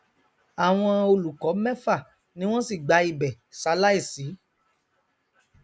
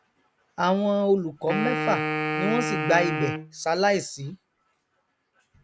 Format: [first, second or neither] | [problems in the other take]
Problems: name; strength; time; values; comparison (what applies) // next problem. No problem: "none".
first | background sound (Wind instrument, woodwind instrument); 3 dB below the speech